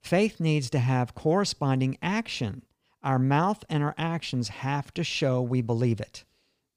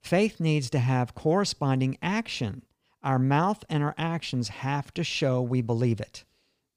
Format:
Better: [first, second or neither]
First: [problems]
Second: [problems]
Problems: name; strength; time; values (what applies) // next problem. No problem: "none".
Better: neither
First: none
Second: none